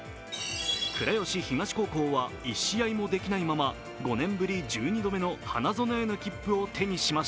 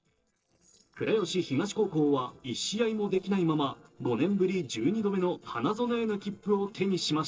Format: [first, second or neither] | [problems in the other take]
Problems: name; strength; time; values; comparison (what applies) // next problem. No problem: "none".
first | noise reduction (neural separator model SepFormer DNS4)